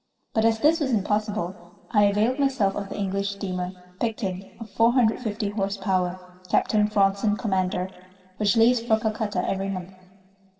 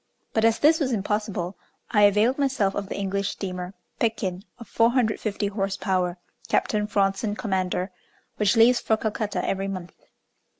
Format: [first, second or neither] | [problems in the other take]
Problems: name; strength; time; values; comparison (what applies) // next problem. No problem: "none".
second | room echo; dies away in 2 s